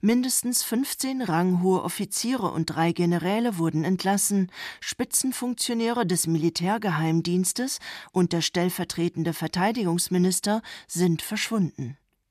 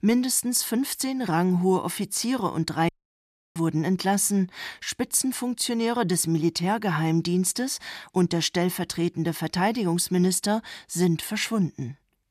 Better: first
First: none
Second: audio cutting out; at 3 s for 0.5 s

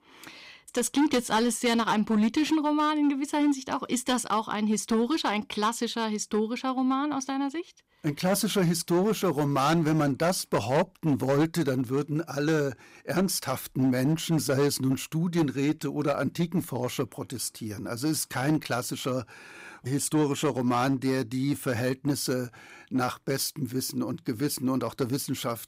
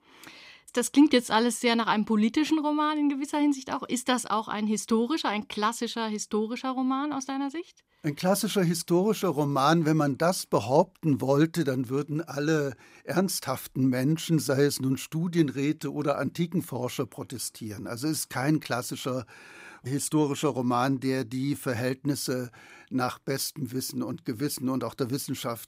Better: second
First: distortion; slight; 6% of the sound clipped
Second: none

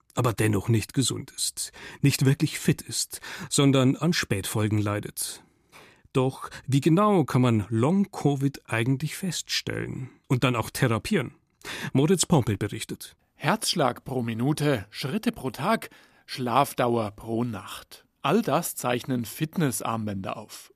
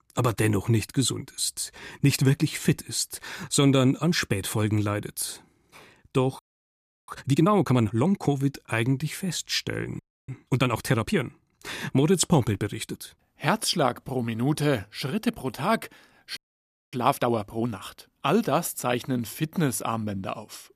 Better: first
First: none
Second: audio freezing; at 6.5 s for 0.5 s, at 10 s and at 16 s for 0.5 s

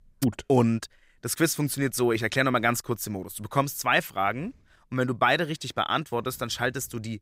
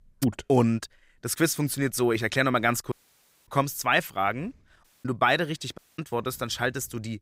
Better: first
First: none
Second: audio cutting out; at 3 s for 0.5 s, at 5 s and at 6 s

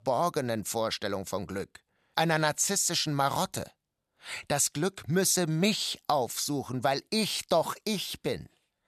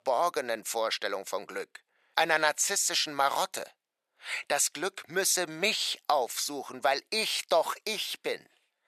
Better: first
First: none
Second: thin; very; fading below 500 Hz

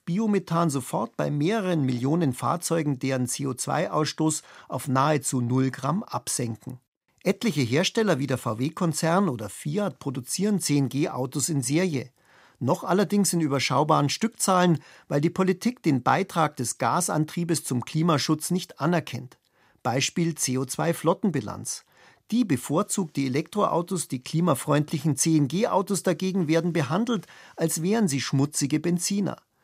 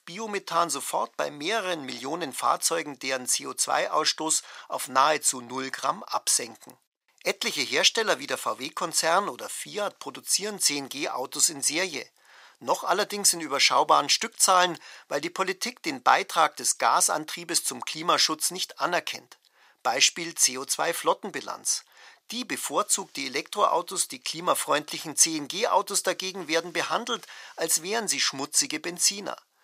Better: first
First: none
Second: thin; very; fading below 650 Hz

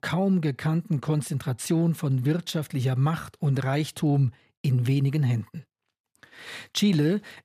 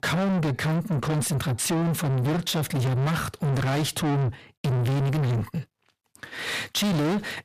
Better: first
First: none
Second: distortion; heavy; 6 dB below the speech

